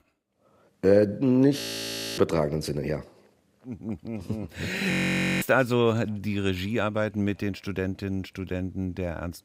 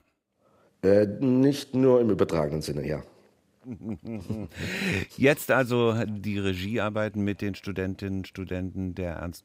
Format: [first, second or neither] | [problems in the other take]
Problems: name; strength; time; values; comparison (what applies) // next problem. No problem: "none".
second | audio freezing; at 1.5 s for 0.5 s and at 5 s for 0.5 s